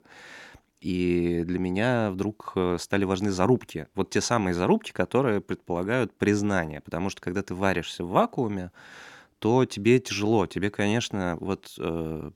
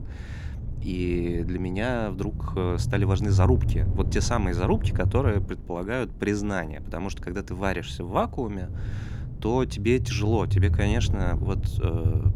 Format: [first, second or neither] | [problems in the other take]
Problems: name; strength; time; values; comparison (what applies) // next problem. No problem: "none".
first | low rumble; noticeable; throughout; 15 dB below the speech